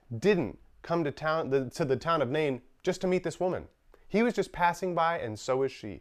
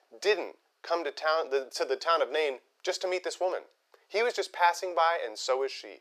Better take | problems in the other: first | thin; very; fading below 400 Hz

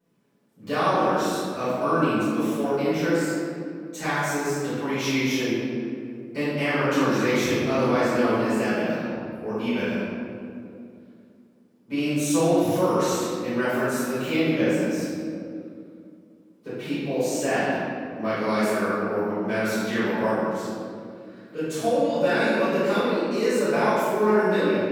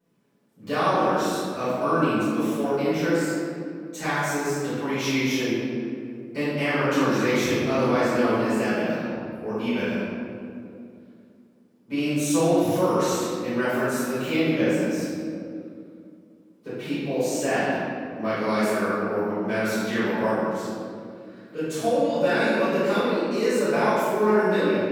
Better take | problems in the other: neither | room echo; strong; dies away in 2.4 s; the same in both // off-mic speech; far; the same in both

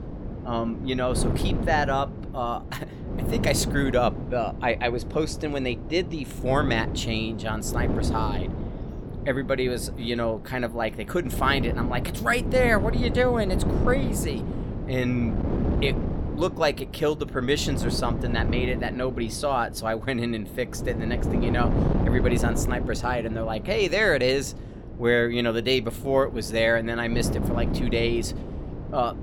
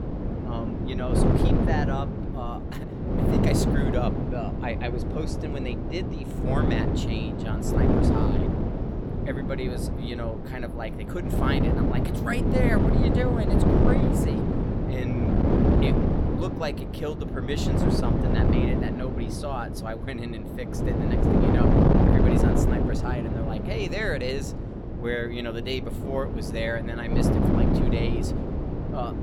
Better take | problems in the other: first | wind noise on the microphone; heavy; 3 dB above the speech; occasional gusts in the first

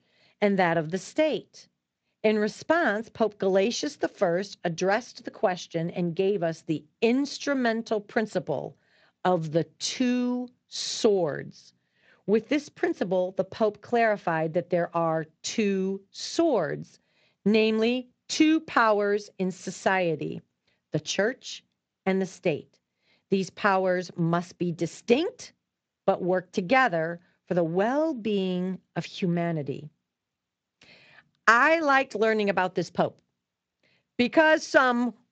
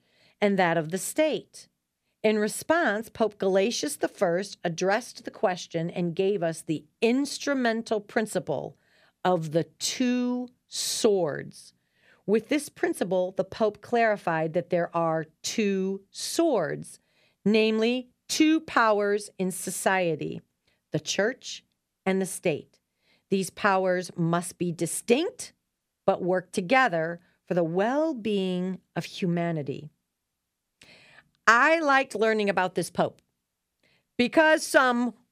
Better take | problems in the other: second | garbled, watery; slightly; nothing above 7.5 kHz

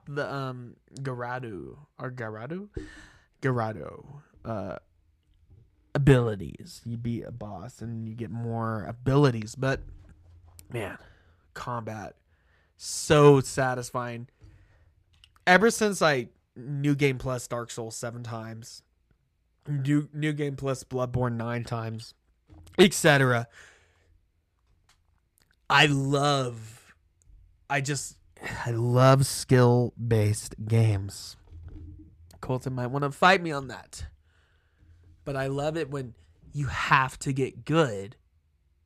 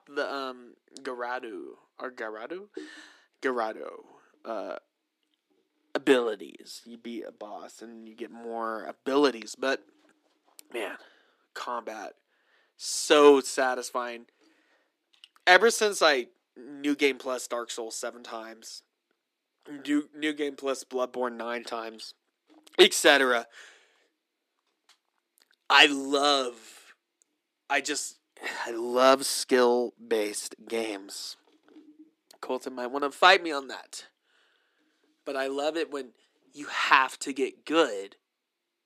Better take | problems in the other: first | thin; somewhat; fading below 250 Hz

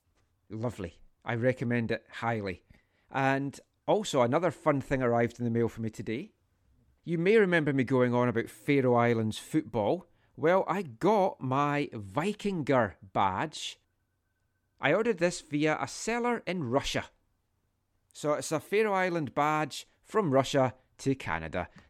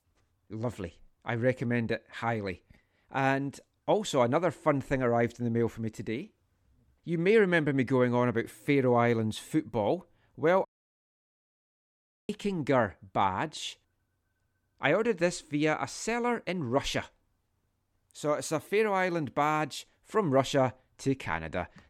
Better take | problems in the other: first | audio cutting out; at 11 s for 1.5 s

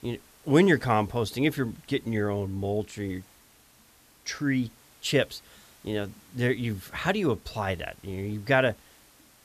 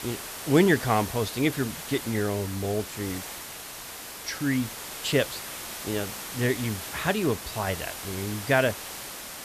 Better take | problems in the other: first | hiss; loud; throughout; 8 dB below the speech; faint in the first

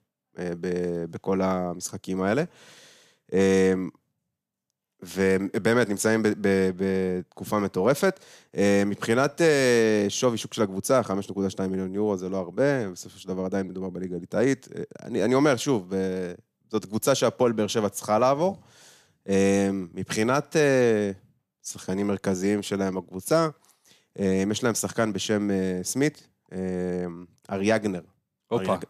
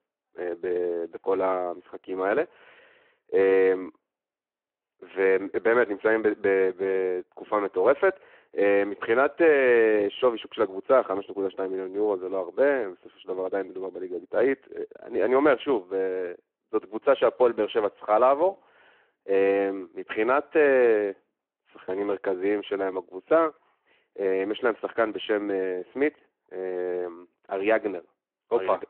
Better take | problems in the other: first | phone-call audio

